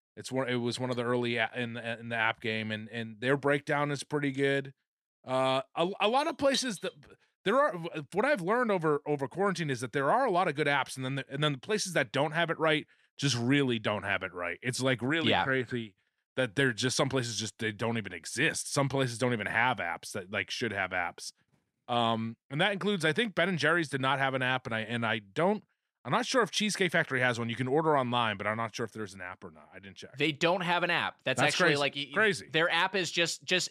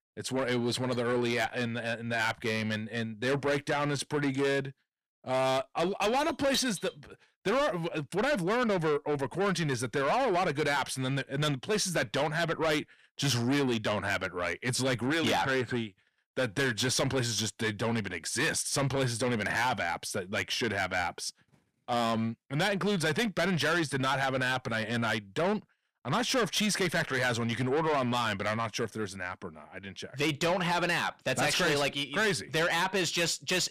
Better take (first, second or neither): first